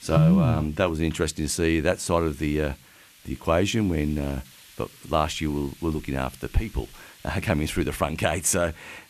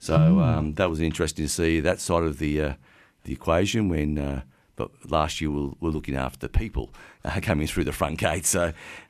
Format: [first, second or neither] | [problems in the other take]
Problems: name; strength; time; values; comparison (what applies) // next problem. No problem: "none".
second | hiss; faint; throughout; 25 dB below the speech